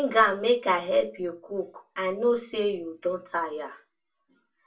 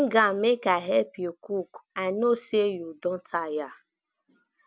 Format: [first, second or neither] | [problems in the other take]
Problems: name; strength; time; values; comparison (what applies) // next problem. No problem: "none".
second | room echo; dies away in 0.2 s